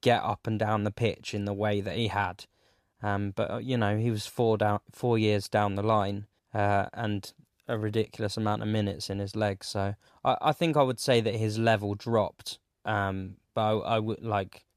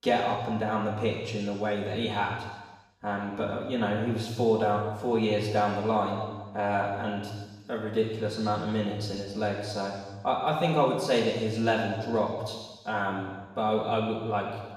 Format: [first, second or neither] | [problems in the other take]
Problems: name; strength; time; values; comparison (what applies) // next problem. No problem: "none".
first | room echo; noticeable; dies away in 1.2 s // off-mic speech; far